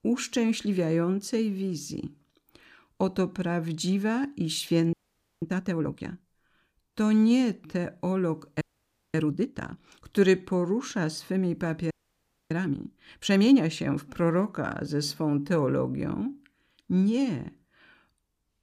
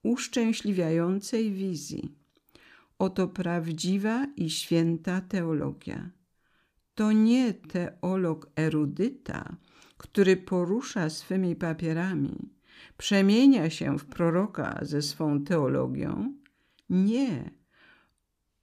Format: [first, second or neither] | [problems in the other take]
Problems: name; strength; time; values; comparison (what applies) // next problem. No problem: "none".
second | audio freezing; at 5 s, at 8.5 s for 0.5 s and at 12 s for 0.5 s